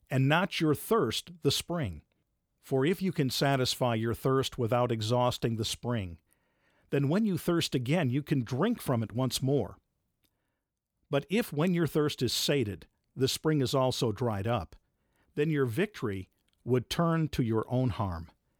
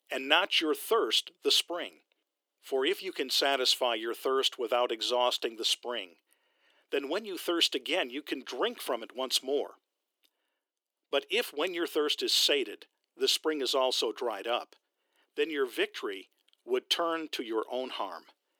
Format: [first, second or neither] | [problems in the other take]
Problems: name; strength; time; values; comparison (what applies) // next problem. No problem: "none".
first | thin; very; fading below 350 Hz